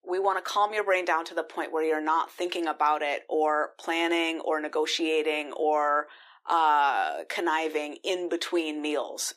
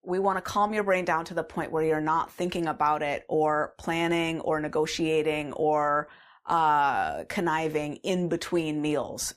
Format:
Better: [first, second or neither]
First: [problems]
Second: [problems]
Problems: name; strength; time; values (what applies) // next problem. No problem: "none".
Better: second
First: thin; somewhat; fading below 300 Hz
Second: none